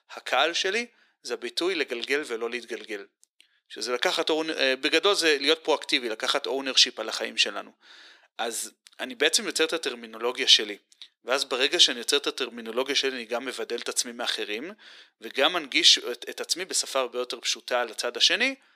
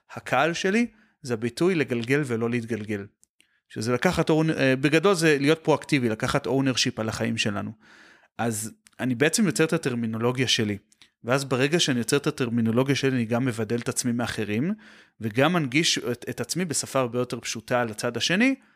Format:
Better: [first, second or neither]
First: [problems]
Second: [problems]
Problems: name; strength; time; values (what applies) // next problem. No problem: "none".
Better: second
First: thin; somewhat; fading below 350 Hz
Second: none